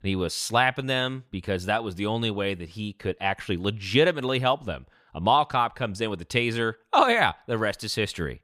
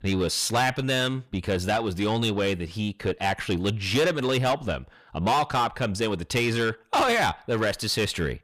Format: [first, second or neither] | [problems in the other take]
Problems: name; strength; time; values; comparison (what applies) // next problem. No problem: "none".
first | distortion; heavy; 7 dB below the speech